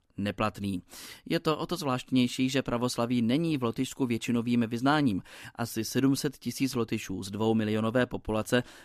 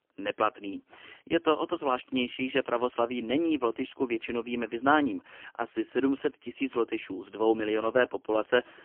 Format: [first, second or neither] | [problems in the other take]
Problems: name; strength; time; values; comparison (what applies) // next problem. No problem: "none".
first | phone-call audio; poor line; nothing above 3 kHz